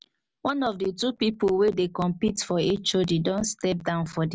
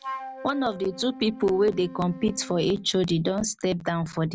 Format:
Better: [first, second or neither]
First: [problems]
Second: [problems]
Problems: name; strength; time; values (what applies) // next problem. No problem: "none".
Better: first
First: none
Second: background sound (Wind instrument, woodwind instrument); 15 dB below the speech